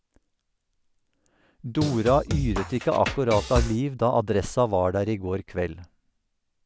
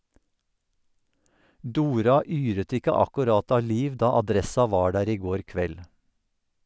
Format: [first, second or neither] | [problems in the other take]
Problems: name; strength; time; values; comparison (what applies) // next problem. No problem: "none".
second | background sound (Drum kit); 3 dB below the speech